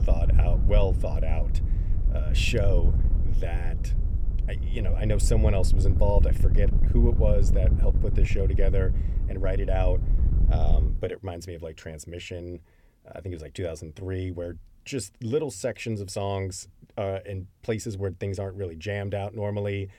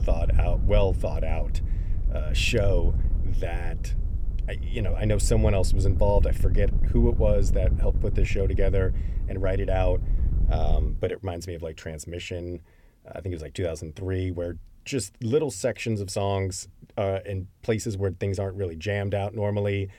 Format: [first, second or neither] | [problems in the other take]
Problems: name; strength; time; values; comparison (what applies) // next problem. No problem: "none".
second | wind noise on the microphone; heavy; until 11 s; 10 dB below the speech; occasional gusts in the second